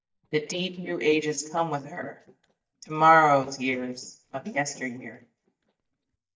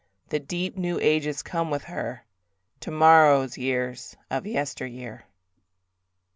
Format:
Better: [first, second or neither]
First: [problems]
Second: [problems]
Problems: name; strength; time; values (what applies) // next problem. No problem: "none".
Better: second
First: noise reduction (neural mask model DeepFilterNet 3)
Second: none